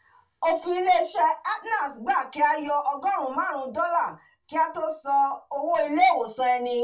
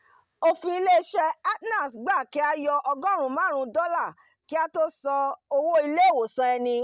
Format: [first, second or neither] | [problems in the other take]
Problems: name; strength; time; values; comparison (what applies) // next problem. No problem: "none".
second | room echo; dies away in 0.2 s